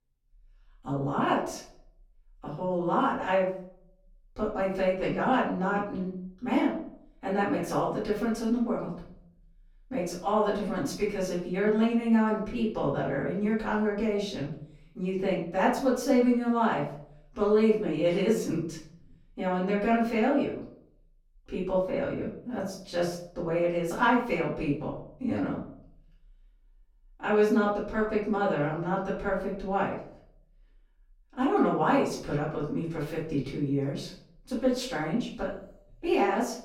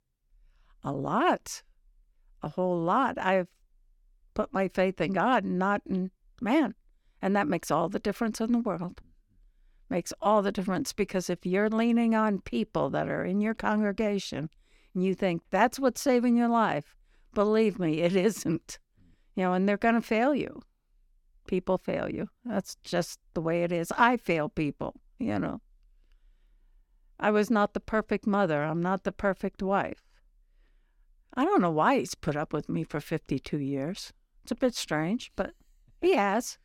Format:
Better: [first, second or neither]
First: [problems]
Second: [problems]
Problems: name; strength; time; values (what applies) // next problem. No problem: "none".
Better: second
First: off-mic speech; far // room echo; noticeable; dies away in 0.5 s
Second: none